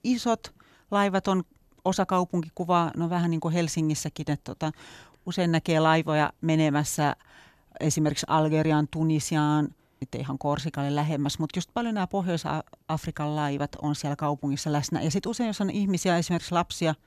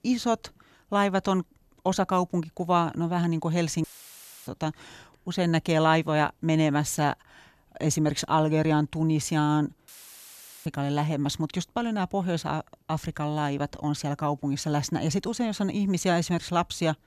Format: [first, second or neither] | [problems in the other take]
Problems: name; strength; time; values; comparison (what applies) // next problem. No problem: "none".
first | audio cutting out; filled with static; at 4 s for 0.5 s and at 10 s for 1 s